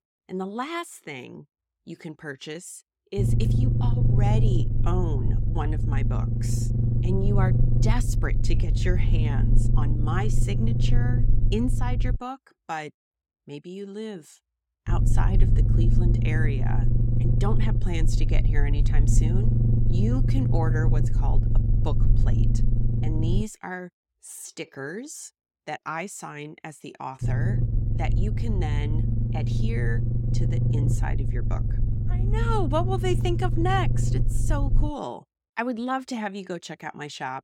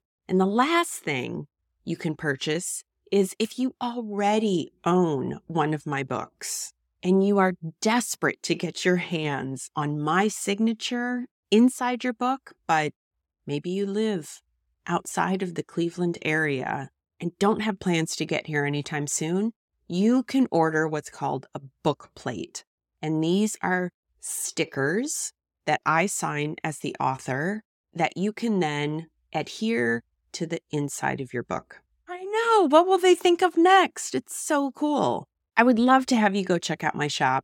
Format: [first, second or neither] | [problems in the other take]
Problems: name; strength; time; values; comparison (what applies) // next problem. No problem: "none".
second | low rumble; loud; from 3 to 12 s, from 15 to 23 s and from 27 to 35 s; 4 dB below the speech